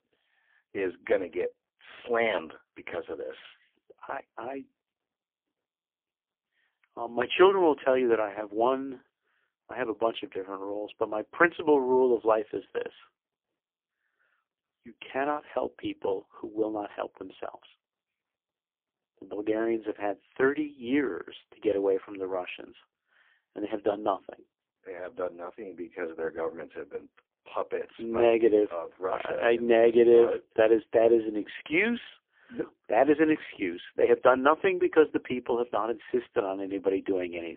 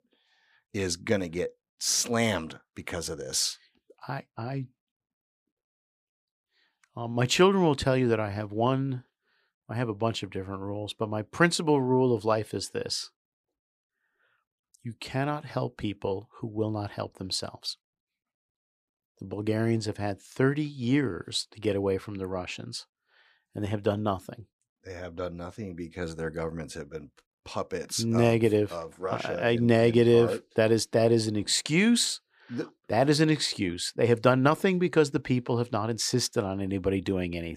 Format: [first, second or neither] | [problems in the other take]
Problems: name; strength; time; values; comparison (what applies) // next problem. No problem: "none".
second | phone-call audio; poor line; nothing above 3.5 kHz